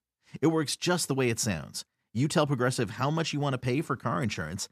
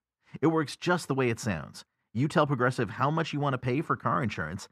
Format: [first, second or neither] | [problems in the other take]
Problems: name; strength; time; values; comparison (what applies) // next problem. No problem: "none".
first | muffled; slightly; fading above 3.5 kHz